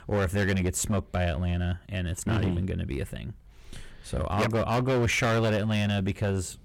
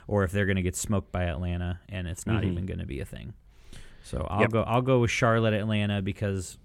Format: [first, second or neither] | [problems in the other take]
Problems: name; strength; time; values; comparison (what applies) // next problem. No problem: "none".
second | distortion; heavy; 13% of the sound clipped